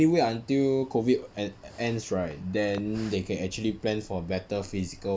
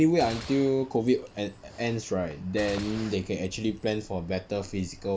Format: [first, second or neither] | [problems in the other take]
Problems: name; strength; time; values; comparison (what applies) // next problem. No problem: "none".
first | background sound (Gunshot, gunfire); 18 dB below the speech